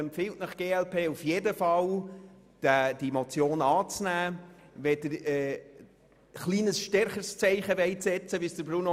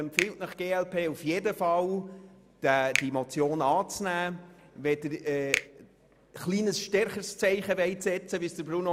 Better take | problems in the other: first | background sound (Finger snapping); 10 dB below the speech

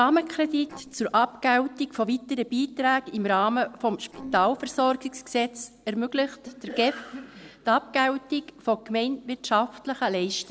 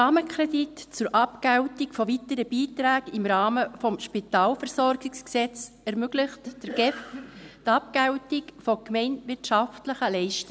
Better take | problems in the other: second | noise reduction (neural separator model SepFormer DNS4)

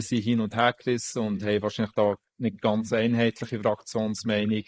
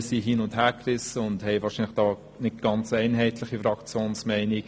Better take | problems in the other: second | noise reduction (neural mask model Resemble Enhance denoiser)

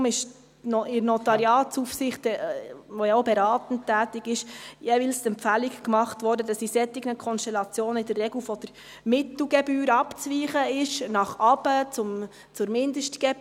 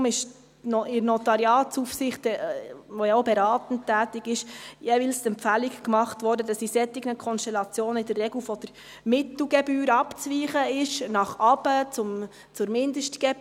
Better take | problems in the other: second | background sound (Wind instrument, woodwind instrument); 13 dB below the speech

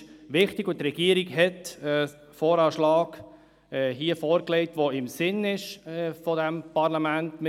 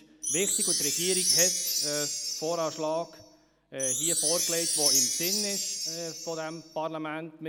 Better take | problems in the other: first | background sound (Chime); 5 dB above the speech

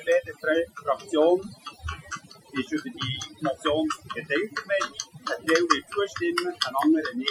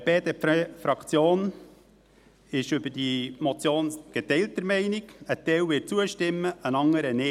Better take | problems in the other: second | noise reduction (classical method Wiener filter)

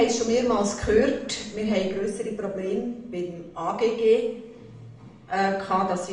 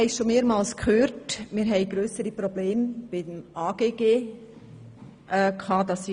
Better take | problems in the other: second | room echo; dies away in 0.7 s

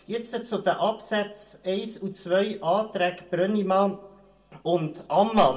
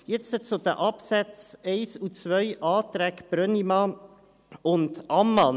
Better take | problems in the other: second | room echo; dies away in 0.3 s

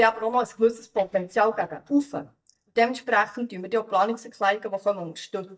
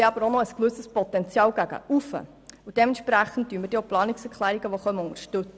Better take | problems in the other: second | noise reduction (neural mask model DeepFilterNet 3)

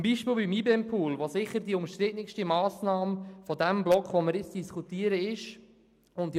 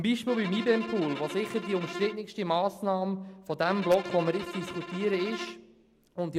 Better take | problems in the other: first | background sound (Bowed string instrument); 11 dB below the speech

